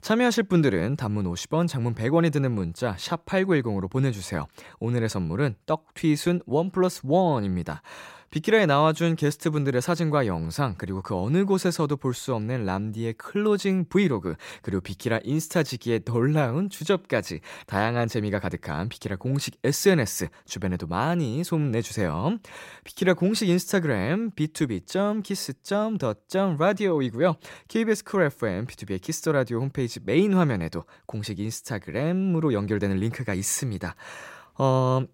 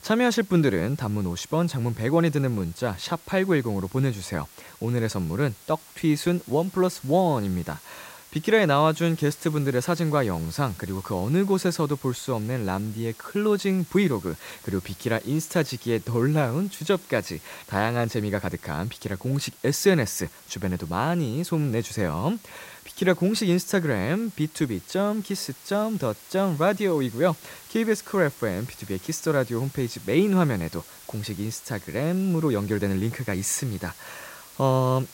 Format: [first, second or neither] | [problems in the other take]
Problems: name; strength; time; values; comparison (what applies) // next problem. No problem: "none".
first | hiss; noticeable; throughout; 20 dB below the speech